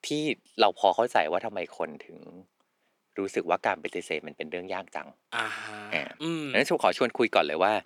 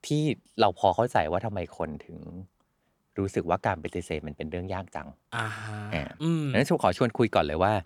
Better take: second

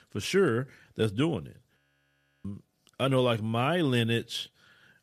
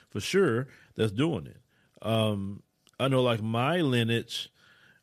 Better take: second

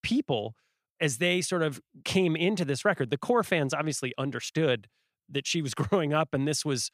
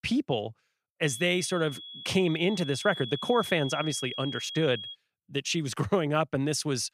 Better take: first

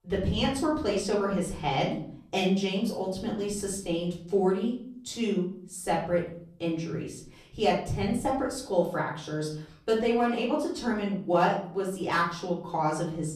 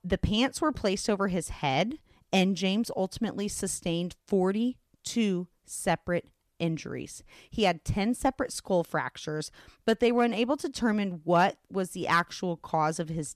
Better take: second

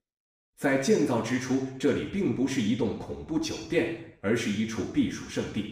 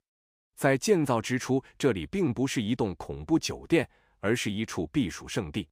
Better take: second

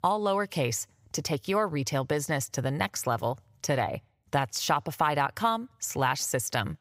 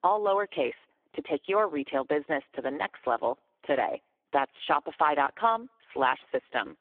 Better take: first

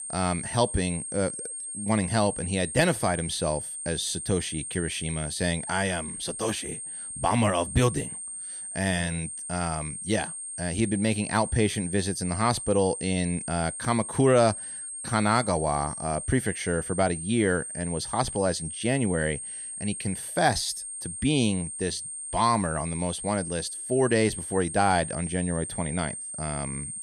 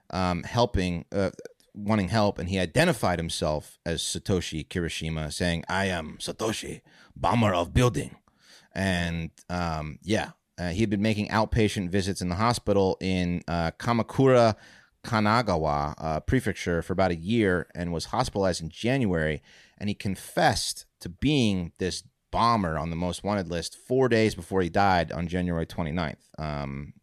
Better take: second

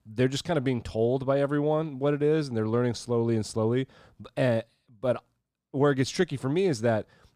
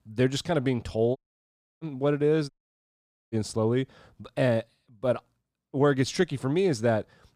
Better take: first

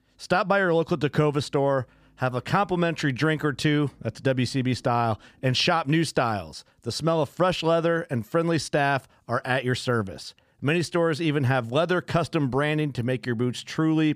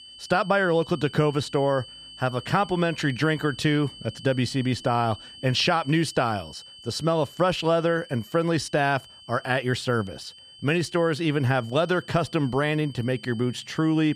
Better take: first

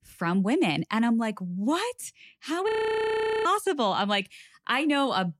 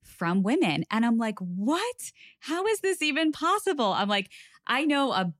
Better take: second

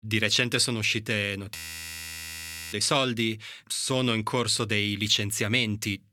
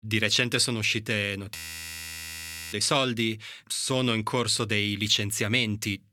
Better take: neither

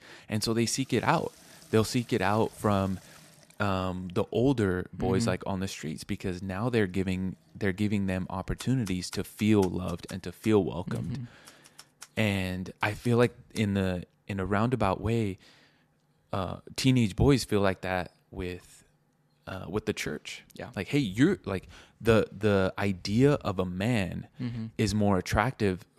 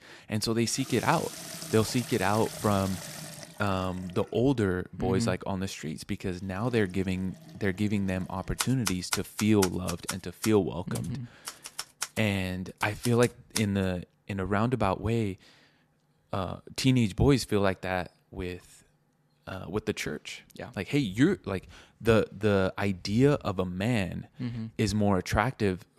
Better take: first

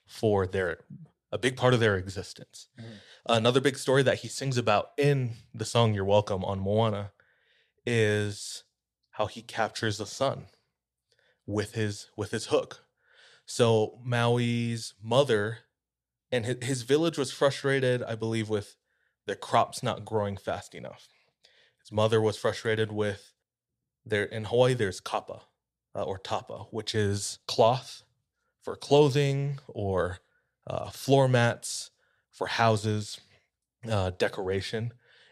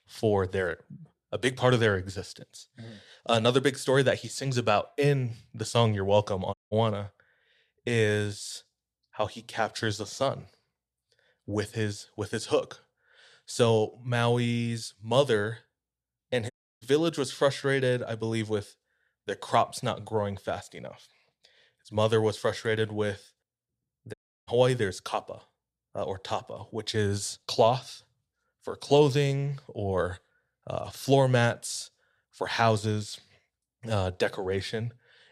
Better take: first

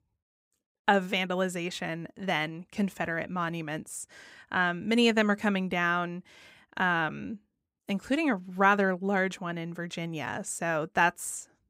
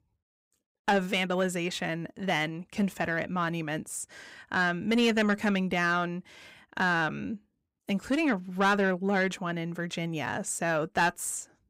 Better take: first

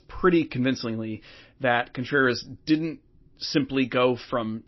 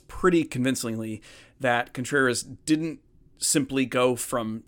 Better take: second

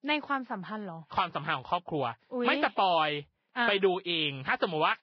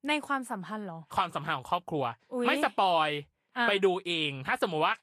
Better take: second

